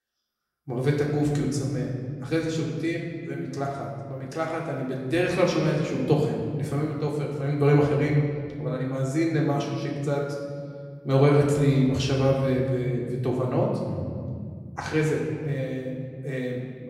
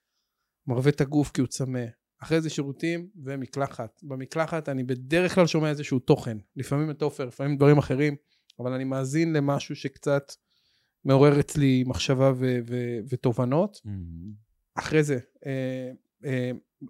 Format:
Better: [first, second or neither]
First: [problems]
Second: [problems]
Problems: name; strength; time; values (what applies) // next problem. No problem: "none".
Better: second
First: off-mic speech; far // room echo; noticeable; dies away in 2.2 s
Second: none